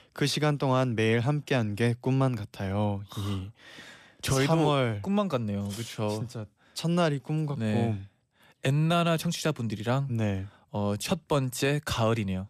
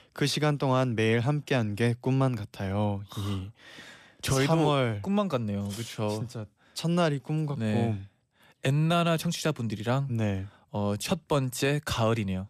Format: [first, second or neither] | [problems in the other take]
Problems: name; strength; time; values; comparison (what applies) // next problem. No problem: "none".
neither | none